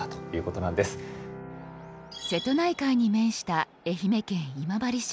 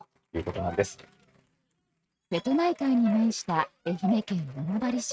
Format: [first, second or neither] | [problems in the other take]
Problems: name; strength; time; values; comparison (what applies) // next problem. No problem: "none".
first | noise reduction (neural mask model RNNoise)